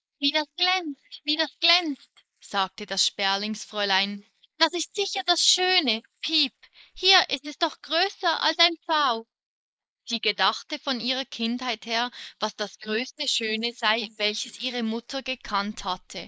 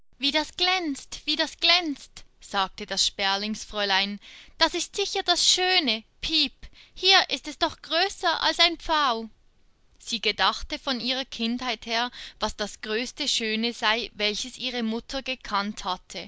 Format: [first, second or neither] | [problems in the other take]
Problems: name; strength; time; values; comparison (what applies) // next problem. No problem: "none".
second | noise reduction (neural mask model Resemble Enhance denoiser)